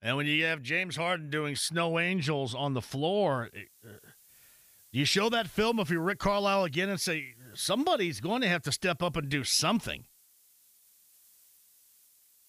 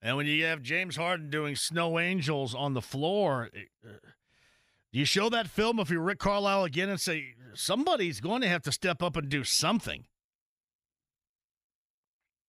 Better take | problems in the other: second | hiss; faint; from 3.5 s on; 30 dB below the speech

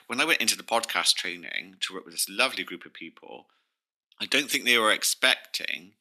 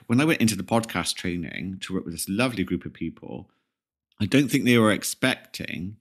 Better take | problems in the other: second | thin; very; fading below 650 Hz

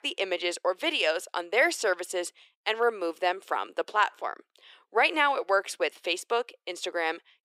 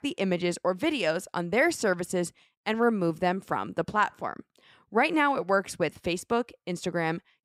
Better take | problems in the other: second | thin; very; fading below 400 Hz

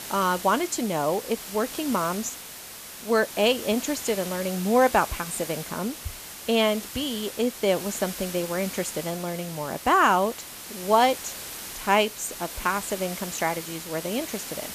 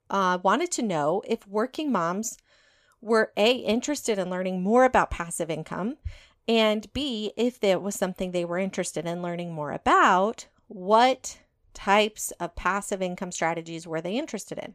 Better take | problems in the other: second | hiss; loud; throughout; 10 dB below the speech

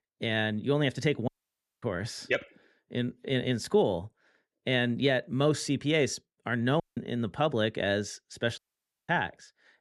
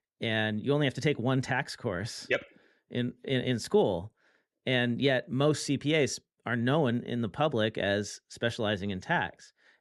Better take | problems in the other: second | audio cutting out; at 1.5 s for 0.5 s, at 7 s and at 8.5 s for 0.5 s

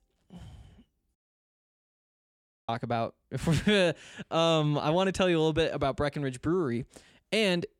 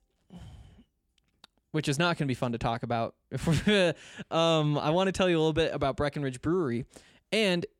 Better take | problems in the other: second | audio cutting out; at 1 s for 1.5 s

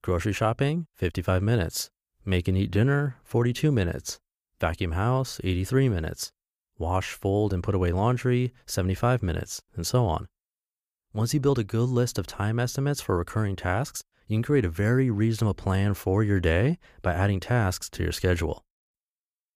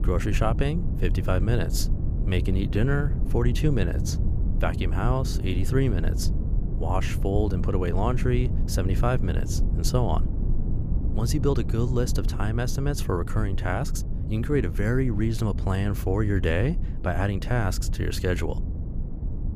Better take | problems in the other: first | low rumble; noticeable; throughout; 10 dB below the speech

